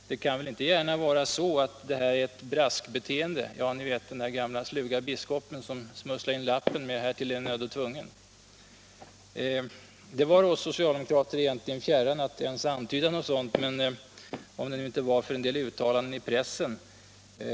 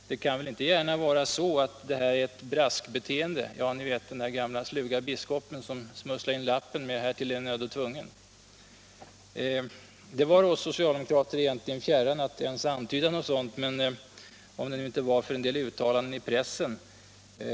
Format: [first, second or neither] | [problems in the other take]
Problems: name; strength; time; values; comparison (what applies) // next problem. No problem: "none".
second | background sound (Walk, footsteps); 11 dB below the speech